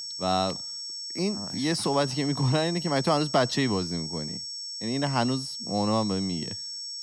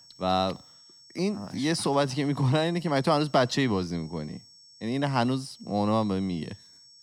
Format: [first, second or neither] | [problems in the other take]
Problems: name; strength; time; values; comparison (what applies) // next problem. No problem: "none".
second | high-pitched whine; loud; throughout; 5.5 kHz, 6 dB below the speech; faint in the second